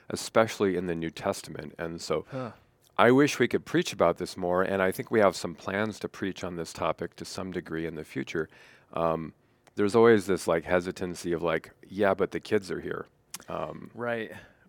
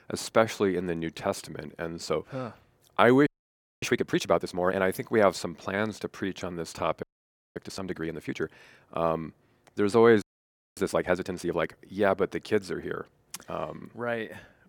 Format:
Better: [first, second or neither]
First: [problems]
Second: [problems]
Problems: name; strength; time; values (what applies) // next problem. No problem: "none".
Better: first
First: none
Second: audio freezing; at 3.5 s for 0.5 s, at 7 s for 0.5 s and at 10 s for 0.5 s